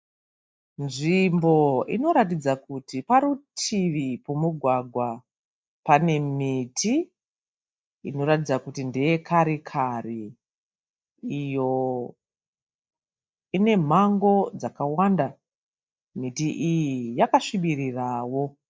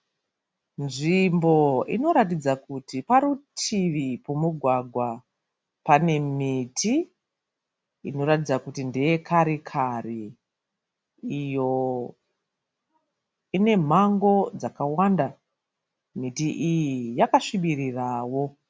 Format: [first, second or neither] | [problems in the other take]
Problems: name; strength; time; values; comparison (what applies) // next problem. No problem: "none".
second | noise reduction (neural mask model DeepFilterNet 3)